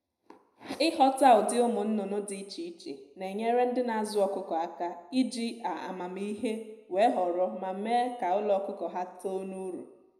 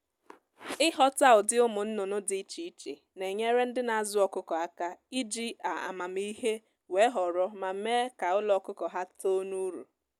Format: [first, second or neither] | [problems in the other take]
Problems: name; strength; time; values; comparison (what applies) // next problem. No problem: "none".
second | room echo; dies away in 0.7 s